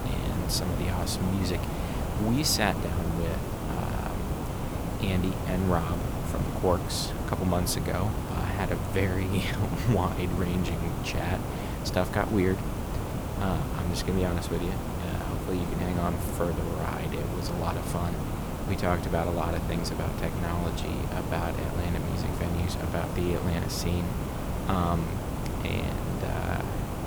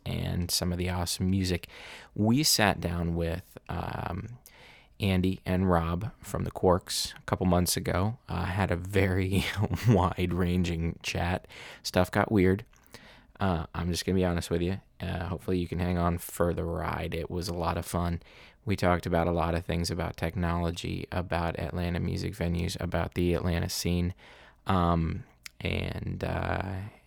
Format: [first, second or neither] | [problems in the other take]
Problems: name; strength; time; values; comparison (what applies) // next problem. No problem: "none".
second | hiss; loud; throughout; 2 dB below the speech